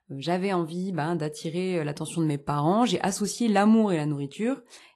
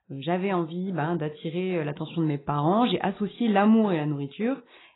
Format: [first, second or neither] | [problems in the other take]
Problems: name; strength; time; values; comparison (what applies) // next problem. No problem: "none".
first | garbled, watery; badly; nothing above 4 kHz; slightly in the first